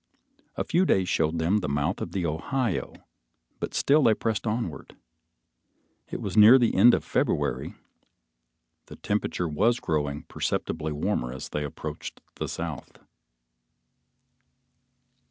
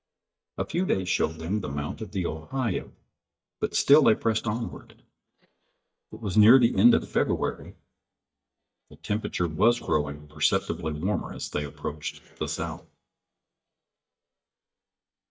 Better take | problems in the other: first | noise reduction (neural mask model DeepFilterNet 3)

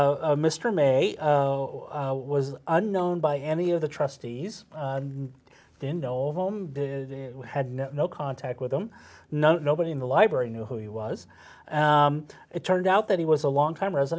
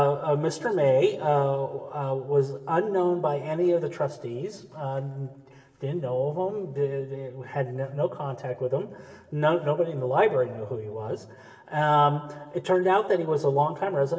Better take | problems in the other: first | room echo; dies away in 1.2 s

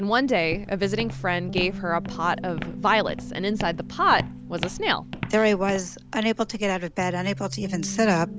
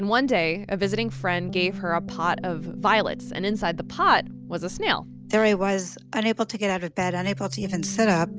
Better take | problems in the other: second | background sound (Walk, footsteps); 14 dB below the speech

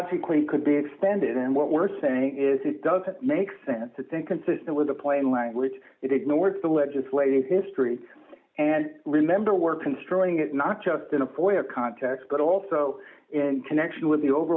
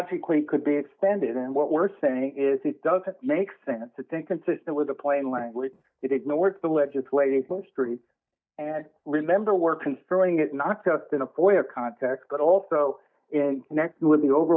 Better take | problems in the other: first | noise reduction (neural mask model DeepFilterNet 3)

